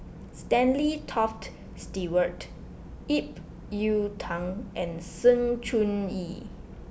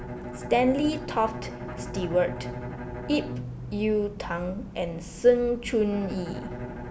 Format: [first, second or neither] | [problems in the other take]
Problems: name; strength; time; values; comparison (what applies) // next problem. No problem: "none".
first | background sound (Bowed string instrument); 11 dB below the speech